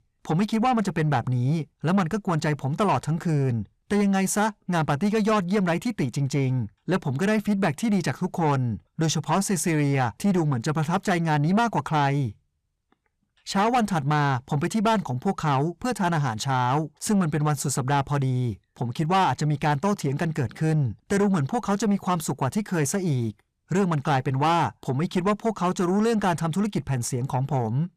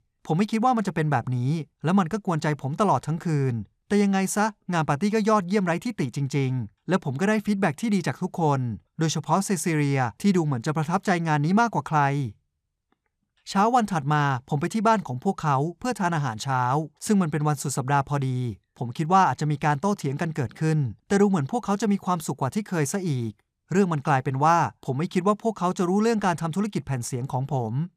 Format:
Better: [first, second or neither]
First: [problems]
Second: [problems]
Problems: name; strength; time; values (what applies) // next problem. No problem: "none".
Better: second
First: distortion; slight; 10 dB below the speech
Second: none